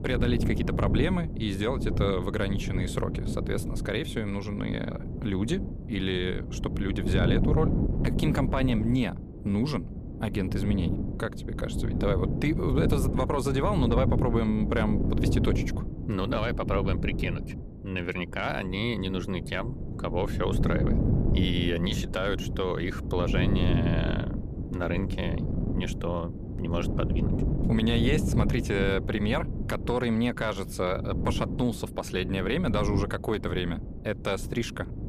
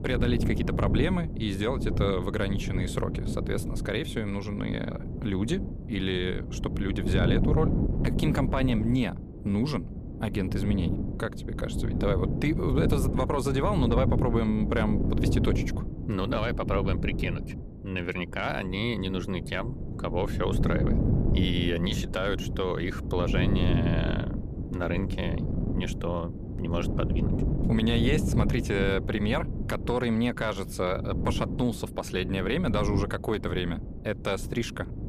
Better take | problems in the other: neither | wind noise on the microphone; heavy; 7 dB below the speech; the same in both

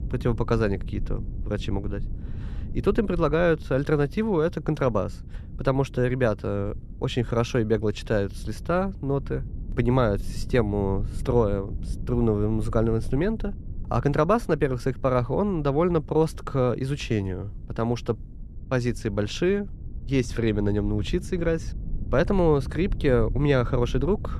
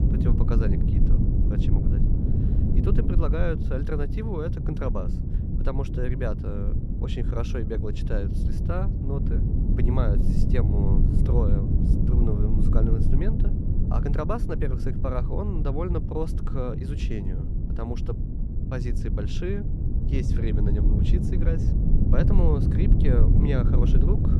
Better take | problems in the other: first | low rumble; loud; throughout; 2 dB below the speech; faint in the first

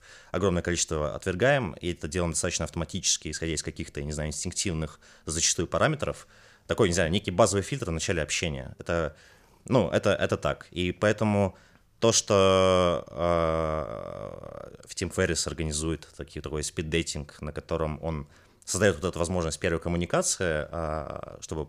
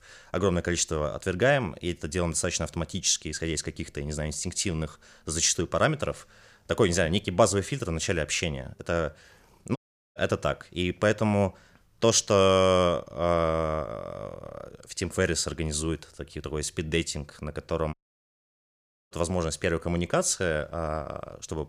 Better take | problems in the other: first | audio cutting out; at 10 s and at 18 s for 1 s

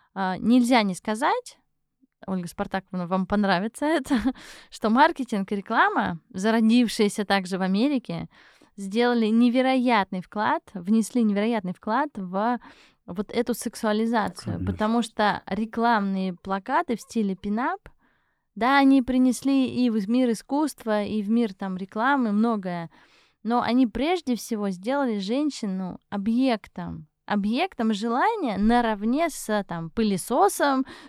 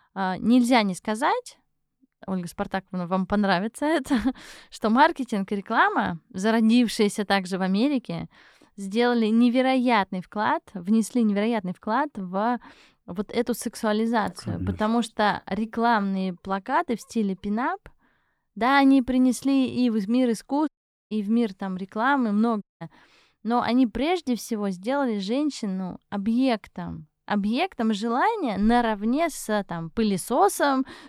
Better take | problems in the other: first | audio cutting out; at 21 s and at 23 s

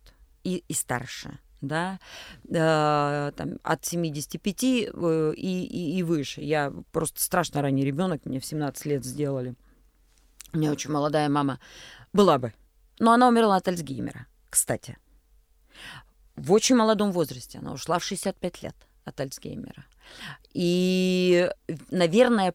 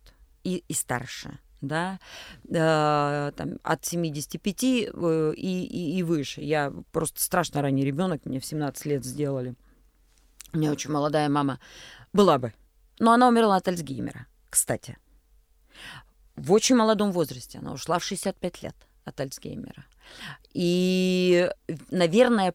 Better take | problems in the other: neither | none

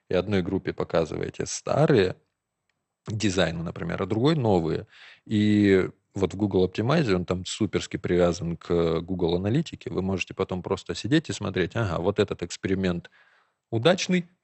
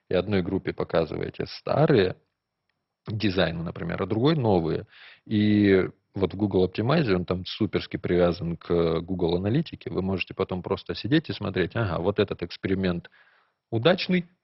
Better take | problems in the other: first | garbled, watery; badly; nothing above 5.5 kHz; slightly in the first

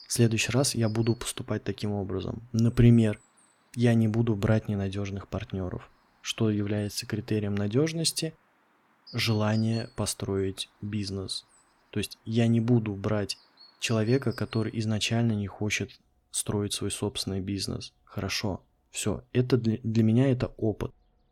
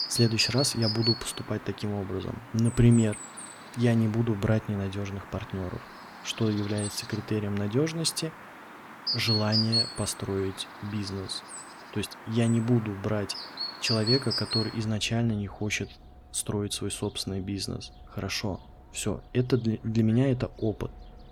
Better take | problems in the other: first | animal sounds; loud; throughout; 4 dB below the speech; faint in the first

